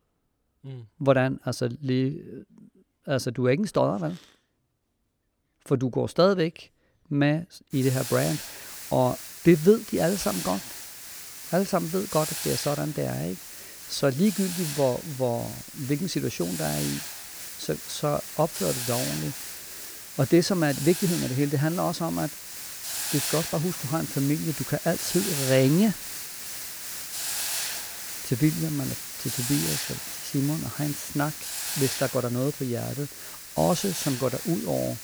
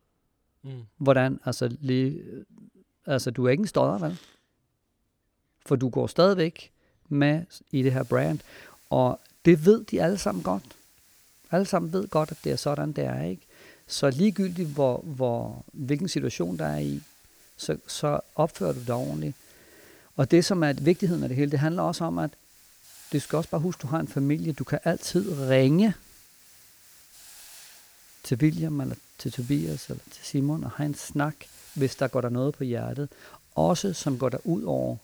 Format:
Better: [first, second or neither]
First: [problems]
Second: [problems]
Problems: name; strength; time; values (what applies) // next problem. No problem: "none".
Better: second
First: hiss; loud; from 7.5 s on; 6 dB below the speech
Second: hiss; faint; from 7.5 s on; 25 dB below the speech